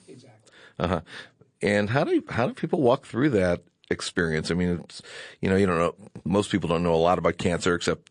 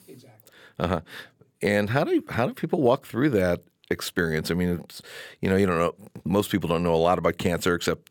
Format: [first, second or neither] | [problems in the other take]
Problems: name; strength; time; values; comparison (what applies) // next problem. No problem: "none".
second | garbled, watery; slightly; nothing above 8.5 kHz